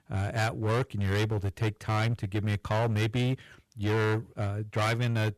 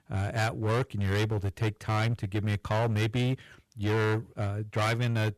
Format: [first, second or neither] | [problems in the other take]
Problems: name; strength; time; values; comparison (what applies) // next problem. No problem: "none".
neither | distortion; heavy; 17% of the sound clipped; the same in both